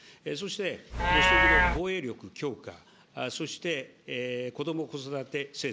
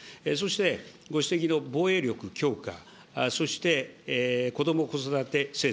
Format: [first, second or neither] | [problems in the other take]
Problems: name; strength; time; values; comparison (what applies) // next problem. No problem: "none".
second | background sound (Livestock, farm animals, working animals); 4 dB above the speech